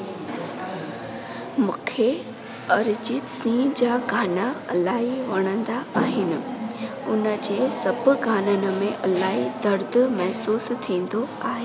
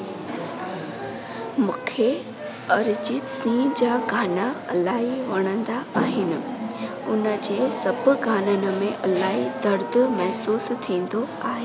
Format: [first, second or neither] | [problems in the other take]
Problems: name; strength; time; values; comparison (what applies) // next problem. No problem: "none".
first | background sound (Wind instrument, woodwind instrument); 13 dB below the speech